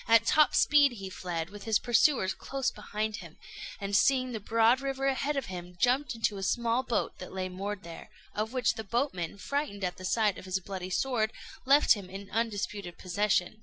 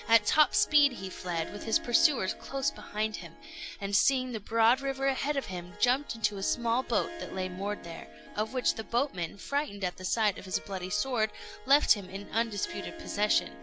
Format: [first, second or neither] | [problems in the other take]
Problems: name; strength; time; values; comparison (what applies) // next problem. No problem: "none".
first | background sound (Harp); 16 dB below the speech